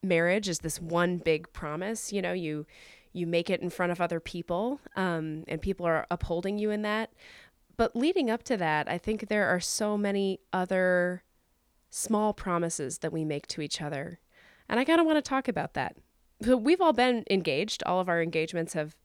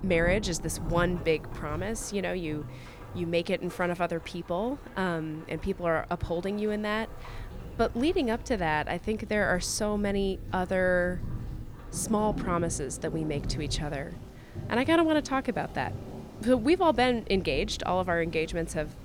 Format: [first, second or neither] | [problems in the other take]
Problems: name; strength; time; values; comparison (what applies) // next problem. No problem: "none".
first | rain or running water; noticeable; throughout; 10 dB below the speech